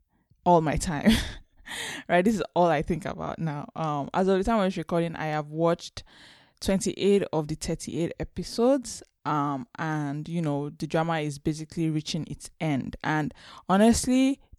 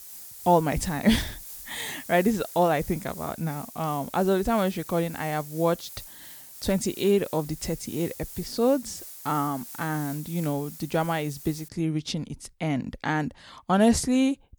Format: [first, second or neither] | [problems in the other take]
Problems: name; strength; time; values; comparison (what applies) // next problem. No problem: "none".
first | hiss; noticeable; until 12 s; 15 dB below the speech